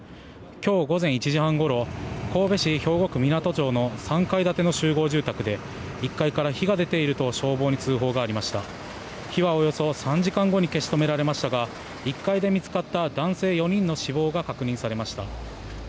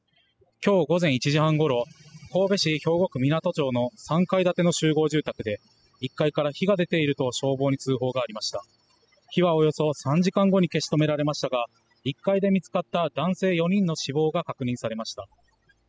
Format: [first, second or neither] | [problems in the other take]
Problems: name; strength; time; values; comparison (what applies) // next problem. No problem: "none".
first | noise reduction (classical method spectral subtraction)